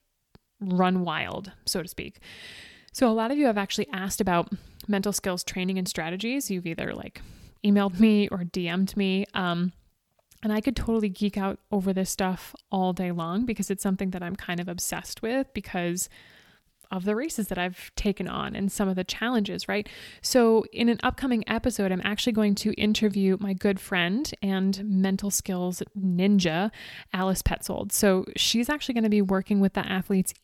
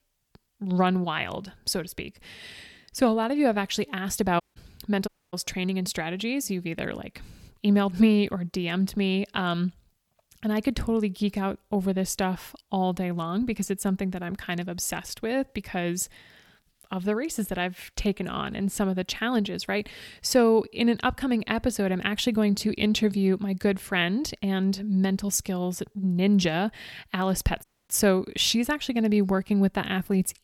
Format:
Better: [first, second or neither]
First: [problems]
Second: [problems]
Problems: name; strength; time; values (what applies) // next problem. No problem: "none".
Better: first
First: none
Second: audio cutting out; at 4.5 s, at 5 s and at 28 s